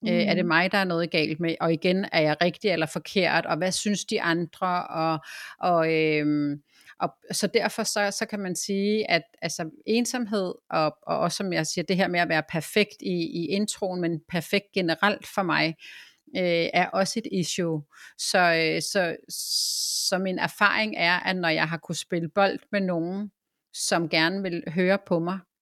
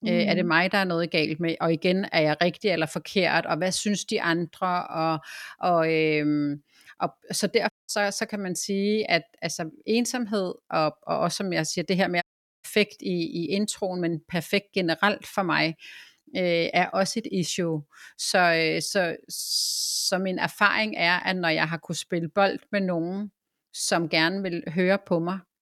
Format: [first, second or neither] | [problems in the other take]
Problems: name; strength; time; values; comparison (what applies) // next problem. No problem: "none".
first | audio cutting out; at 7.5 s and at 12 s